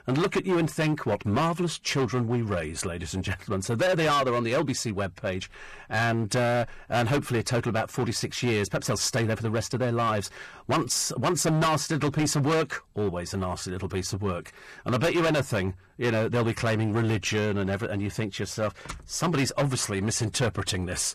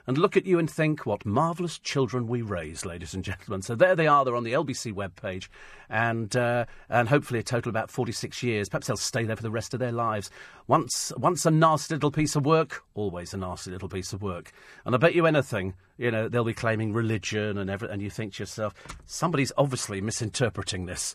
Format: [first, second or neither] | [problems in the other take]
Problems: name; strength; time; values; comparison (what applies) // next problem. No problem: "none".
second | distortion; heavy; 14% of the sound clipped